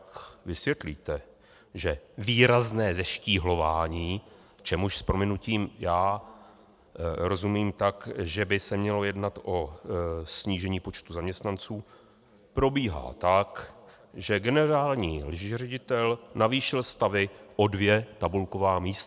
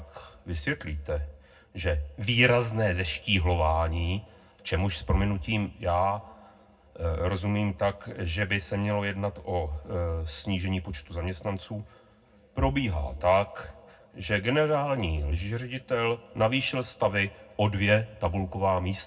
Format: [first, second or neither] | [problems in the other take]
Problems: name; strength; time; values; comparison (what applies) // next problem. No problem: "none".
first | room echo; dies away in 0.3 s